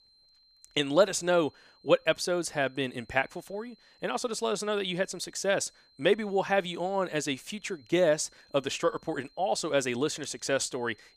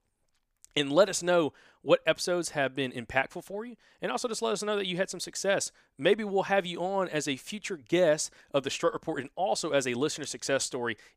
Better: second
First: high-pitched whine; faint; throughout; 4 kHz, 30 dB below the speech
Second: none

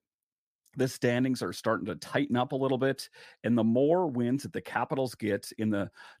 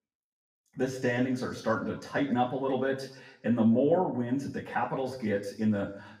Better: first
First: none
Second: room echo; slight; dies away in 0.7 s // off-mic speech; far

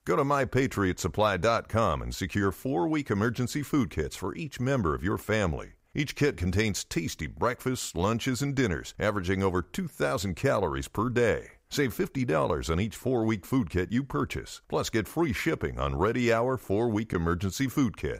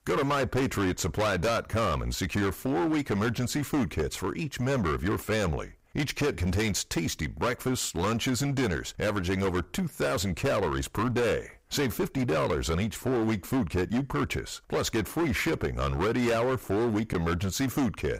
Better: first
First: none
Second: distortion; heavy; 18% of the sound clipped

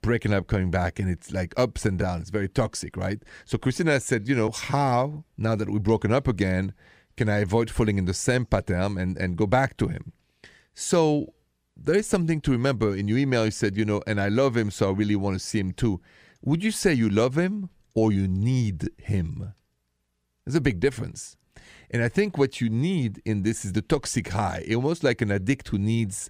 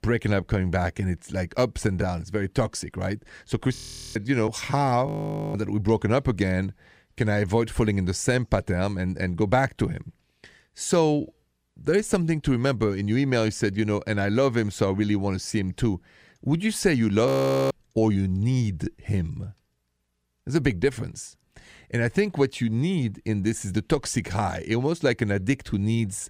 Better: first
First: none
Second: audio freezing; at 4 s, at 5 s and at 17 s

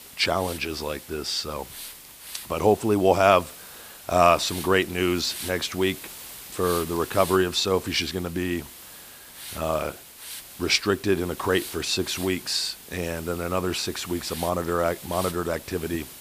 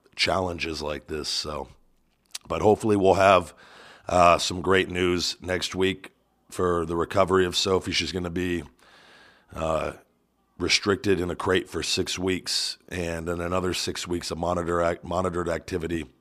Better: second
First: hiss; noticeable; throughout; 15 dB below the speech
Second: none

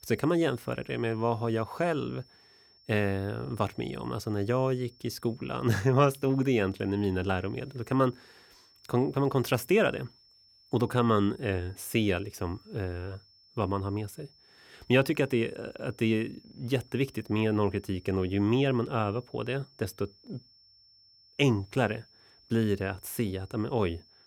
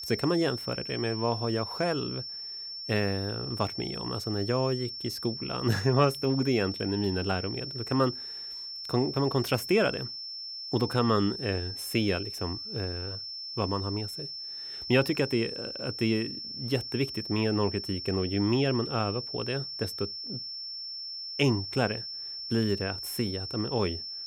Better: first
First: high-pitched whine; faint; throughout; 5.5 kHz, 30 dB below the speech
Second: high-pitched whine; loud; throughout; 5.5 kHz, 6 dB below the speech

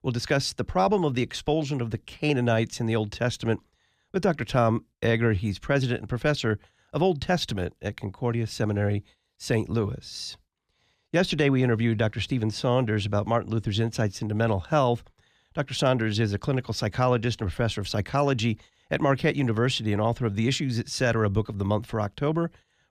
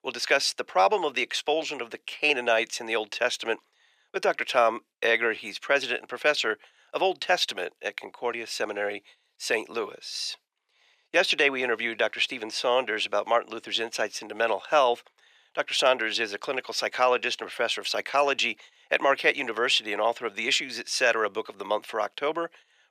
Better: first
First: none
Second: thin; very; fading below 500 Hz

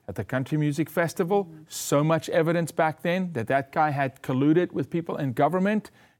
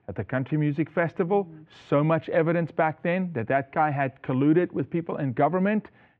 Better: first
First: none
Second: muffled; very; fading above 2.5 kHz

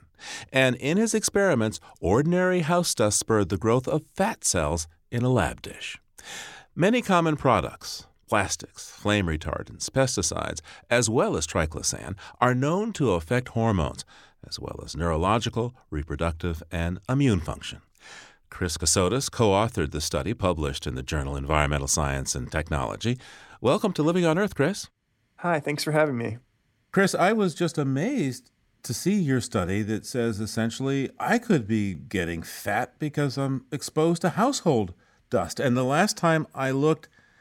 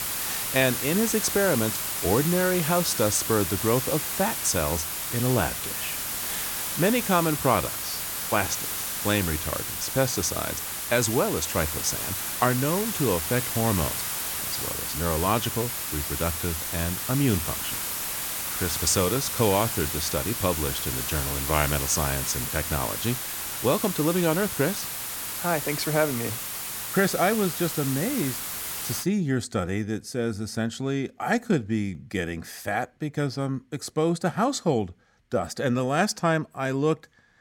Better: first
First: none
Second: hiss; loud; until 29 s; 2 dB below the speech

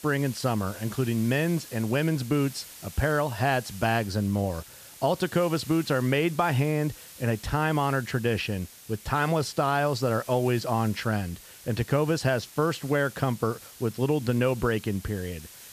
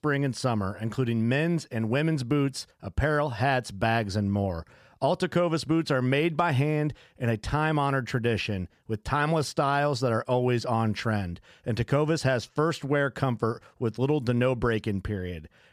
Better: second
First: hiss; noticeable; throughout; 15 dB below the speech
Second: none

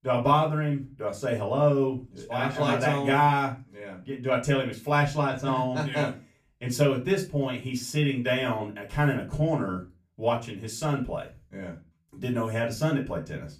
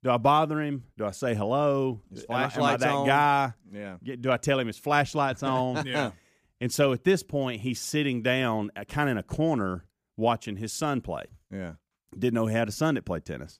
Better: second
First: off-mic speech; far // room echo; very slight; dies away in 0.2 s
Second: none

